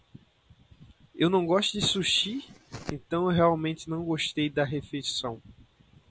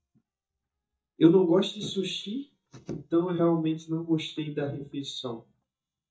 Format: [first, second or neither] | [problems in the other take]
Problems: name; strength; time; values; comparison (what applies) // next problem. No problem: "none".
first | noise reduction (neural mask model DeepFilterNet 3)